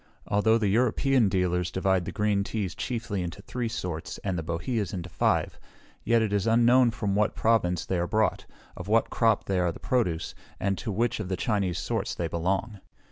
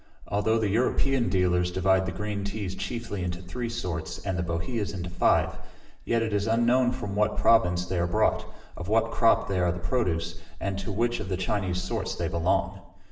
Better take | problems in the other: first | room echo; dies away in 0.8 s

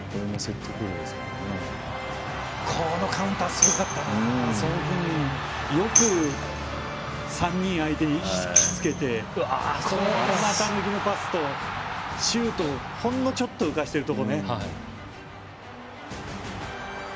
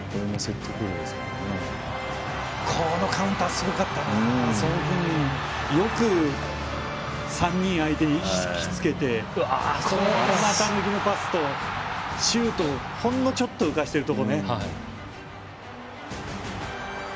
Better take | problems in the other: second | background sound (Tambourine); 1 dB below the speech

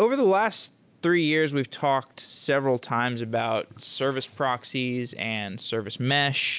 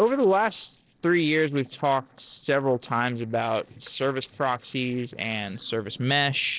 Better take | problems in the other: first | noise reduction (neural separator model SepFormer DNS4)

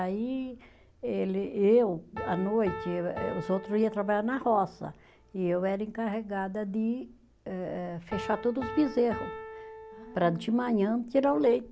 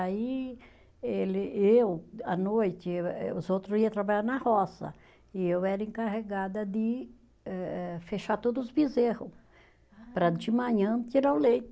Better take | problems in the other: second | background sound (Piano); 15 dB below the speech

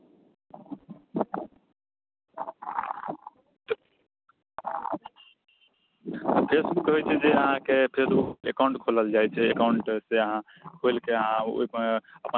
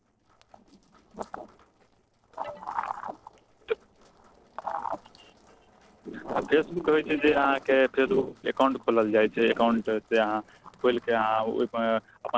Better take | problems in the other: first | noise reduction (neural separator model SepFormer DNS4)

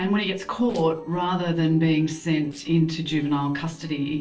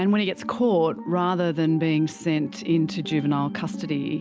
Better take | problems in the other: second | noise reduction (neural separator model SepFormer DNS4)

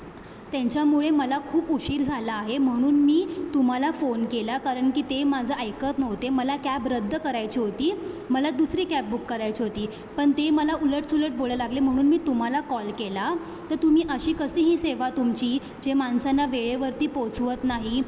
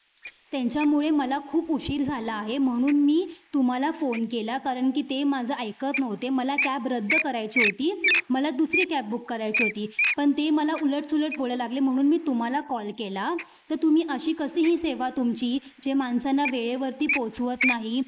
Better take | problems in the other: first | noise reduction (neural mask model Resemble Enhance denoiser)

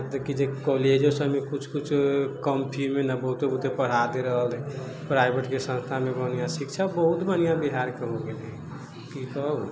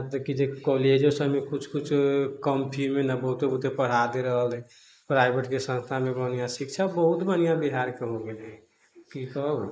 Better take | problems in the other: first | noise reduction (neural mask model Resemble Enhance denoiser)

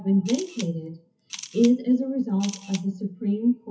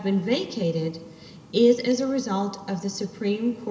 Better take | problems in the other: second | noise reduction (classical method WPE with log-MMSE)

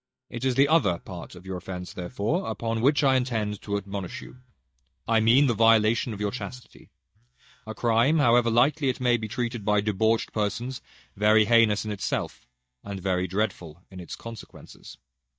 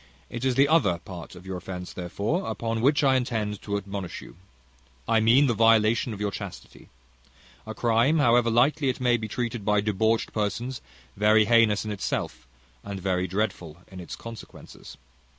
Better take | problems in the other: second | noise reduction (neural mask model DeepFilterNet 3)

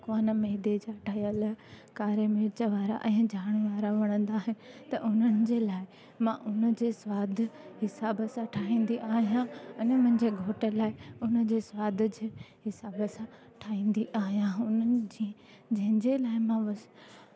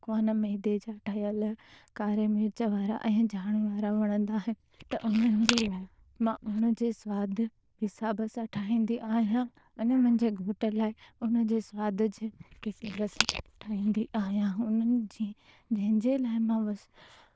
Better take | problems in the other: first | noise reduction (neural diffusion model UNIVERSE++)

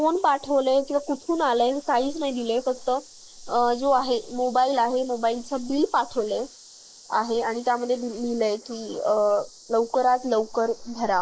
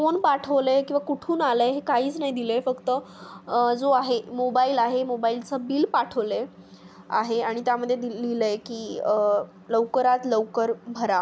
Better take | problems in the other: second | noise reduction (neural mask model Resemble Enhance denoiser)

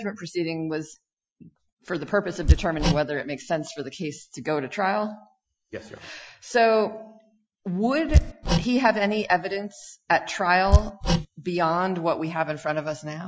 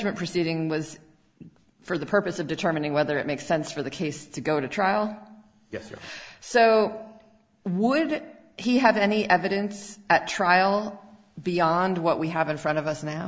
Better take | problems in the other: second | noise reduction (classical method Wiener filter)

